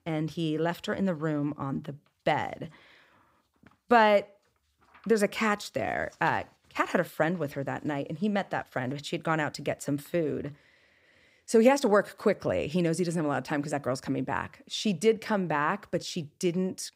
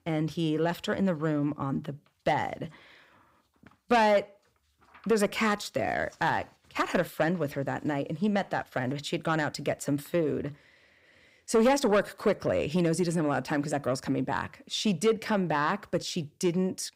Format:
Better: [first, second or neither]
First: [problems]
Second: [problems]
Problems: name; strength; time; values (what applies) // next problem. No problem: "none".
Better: first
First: none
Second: distortion; slight; 10 dB below the speech